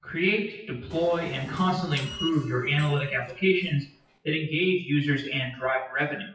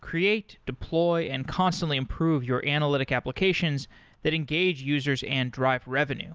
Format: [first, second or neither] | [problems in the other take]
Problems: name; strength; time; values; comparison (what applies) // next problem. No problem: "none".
second | noise reduction (classical method WPE with log-MMSE)